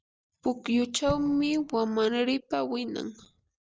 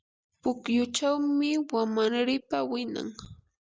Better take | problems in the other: second | noise reduction (neural separator model SepFormer DNS4)

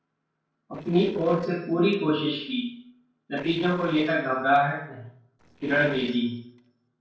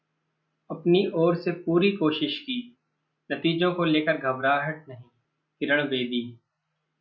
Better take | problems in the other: second | noise reduction (neural separator model SepFormer DNS4)

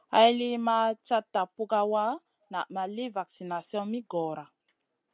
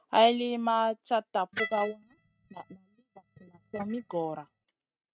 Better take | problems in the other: first | noise reduction (neural mask model RNNoise)

